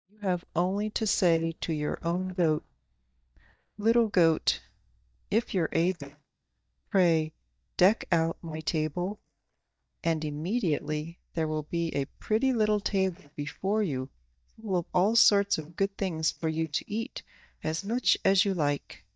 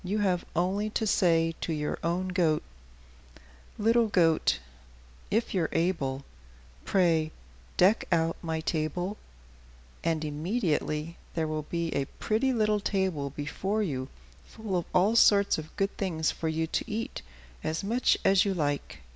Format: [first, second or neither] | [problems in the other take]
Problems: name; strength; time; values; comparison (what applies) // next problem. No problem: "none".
second | noise reduction (neural mask model DeepFilterNet 3)